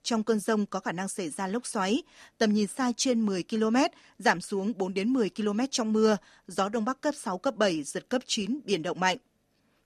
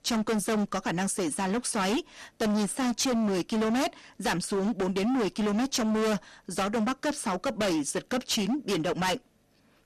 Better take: first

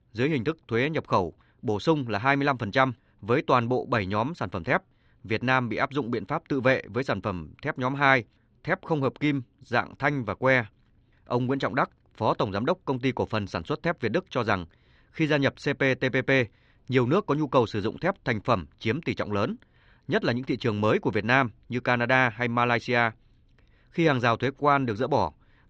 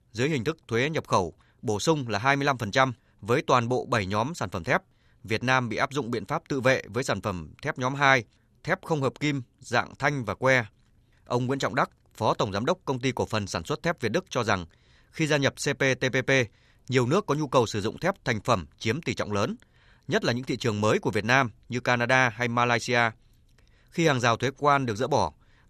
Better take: second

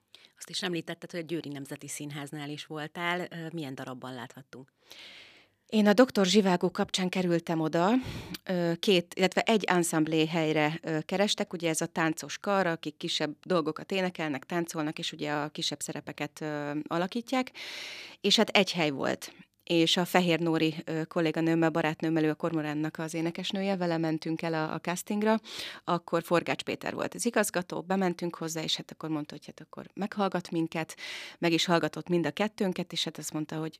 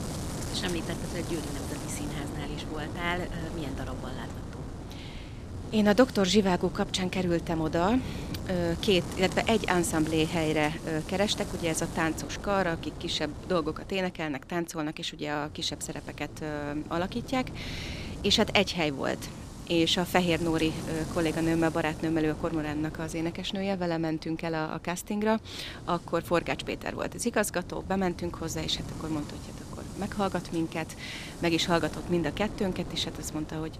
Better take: first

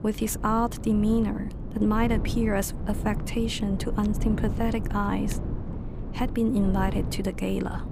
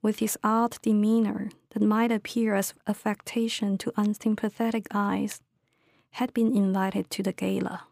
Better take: second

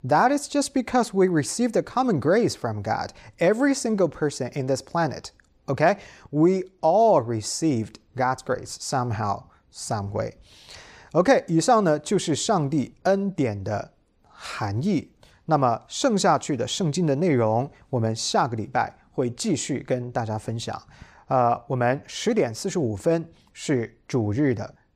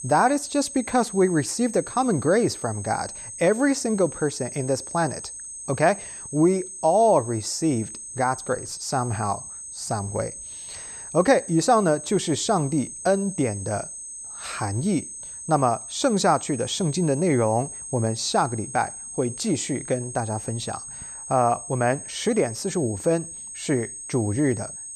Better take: first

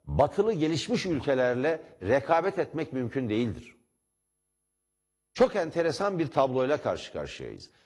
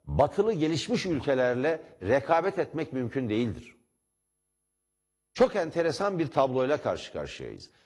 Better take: neither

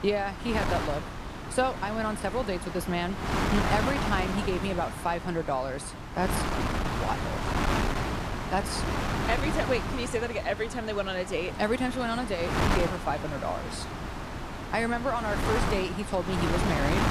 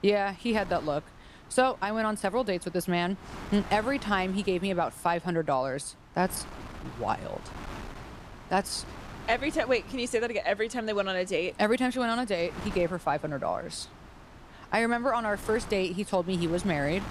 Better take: second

